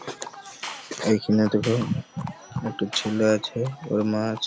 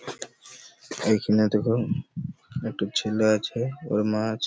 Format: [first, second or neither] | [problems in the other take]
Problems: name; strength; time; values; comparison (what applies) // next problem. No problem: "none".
second | background sound (Livestock, farm animals, working animals + Clapping); 15 dB below the speech